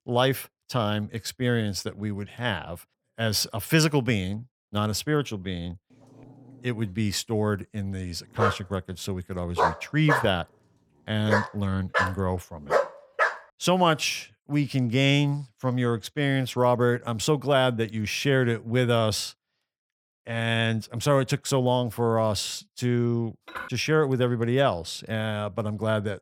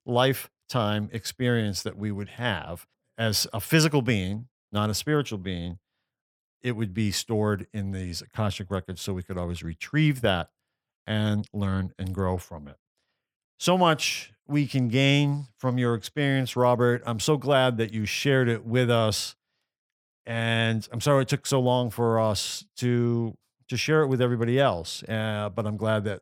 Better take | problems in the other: second | dog barking; loud; from 8.5 to 13 s; peak level with the speech // clattering dishes; faint; at 23 s; peak 10 dB below the speech

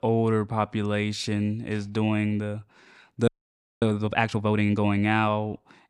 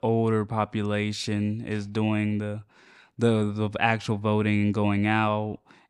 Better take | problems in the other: second | audio freezing; at 3.5 s for 0.5 s

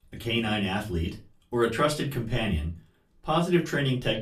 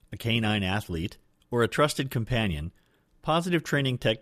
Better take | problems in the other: second | off-mic speech; far // room echo; very slight; dies away in 0.2 s

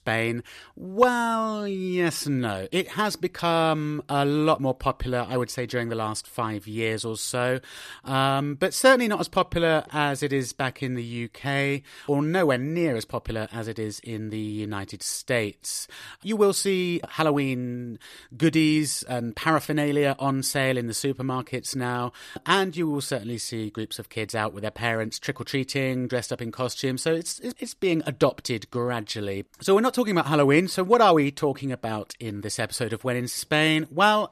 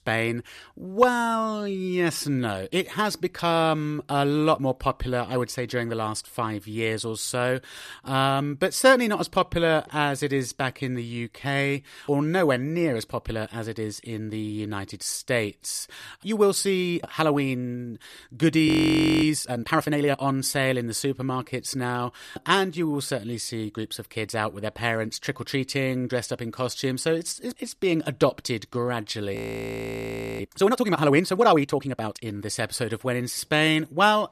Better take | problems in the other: first | audio freezing; at 19 s for 0.5 s and at 29 s for 1 s

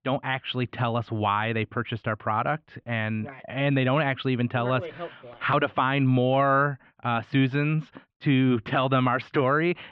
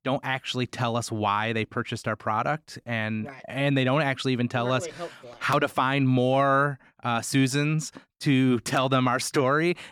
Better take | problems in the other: second | muffled; very; fading above 3 kHz

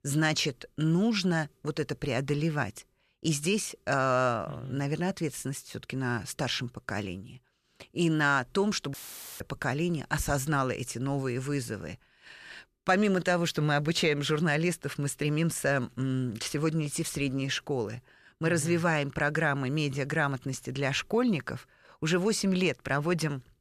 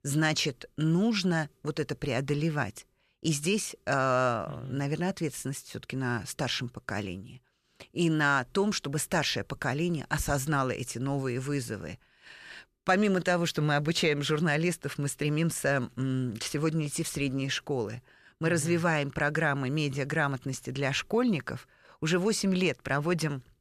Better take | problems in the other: second | audio cutting out; filled with static; at 9 s

